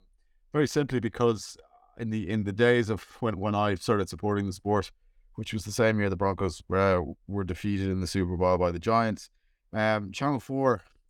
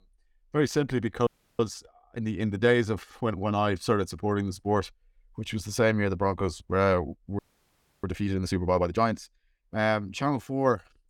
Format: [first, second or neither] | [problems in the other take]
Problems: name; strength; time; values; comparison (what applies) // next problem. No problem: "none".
first | audio freezing; at 1.5 s and at 7.5 s for 0.5 s